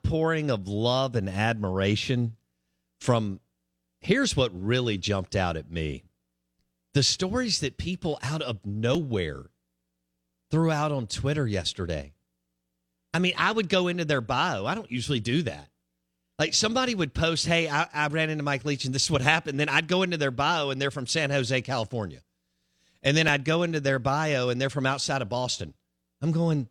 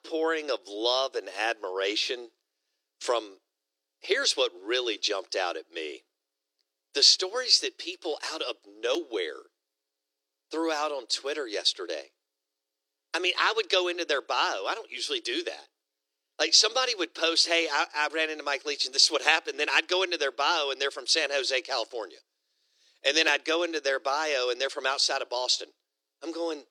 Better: first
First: none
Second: thin; very; fading below 350 Hz

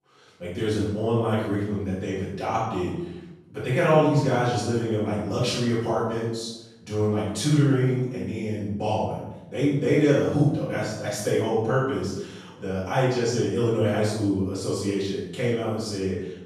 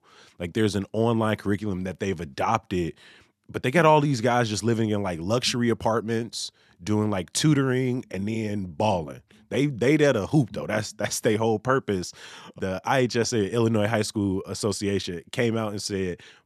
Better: second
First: off-mic speech; far // room echo; strong; dies away in 0.8 s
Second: none

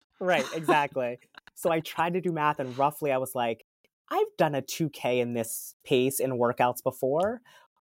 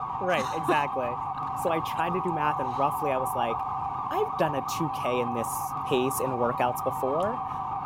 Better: first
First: none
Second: siren; noticeable; peak level with the speech

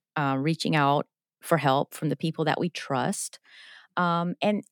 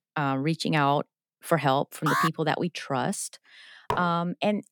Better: first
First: none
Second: alarm; loud; at 2 s; peak 1 dB above the speech // clattering dishes; noticeable; at 4 s; peak 6 dB below the speech

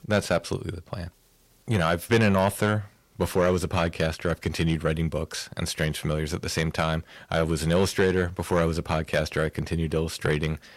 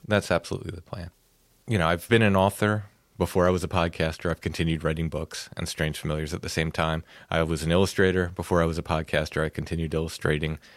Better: second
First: distortion; slight; 10 dB below the speech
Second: none

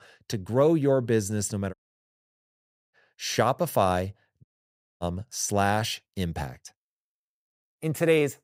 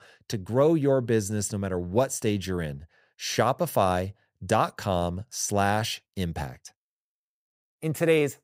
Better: second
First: audio cutting out; at 1.5 s for 1 s and at 4.5 s for 0.5 s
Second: none

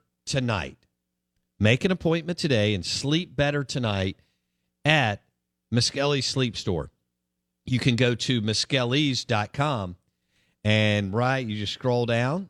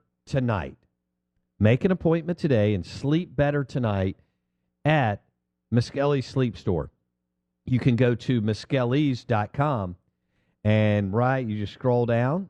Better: first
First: none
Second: muffled; very; fading above 2.5 kHz

